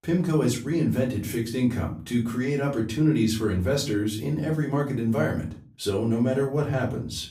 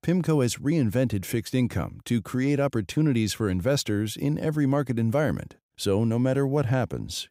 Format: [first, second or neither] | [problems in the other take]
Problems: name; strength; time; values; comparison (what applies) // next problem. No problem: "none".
second | off-mic speech; far // room echo; slight; dies away in 0.3 s